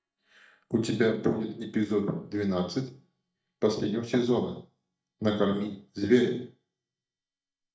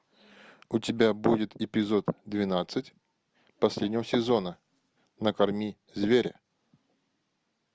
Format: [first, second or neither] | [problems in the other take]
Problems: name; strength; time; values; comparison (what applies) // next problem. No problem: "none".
second | noise reduction (neural mask model DeepFilterNet 3)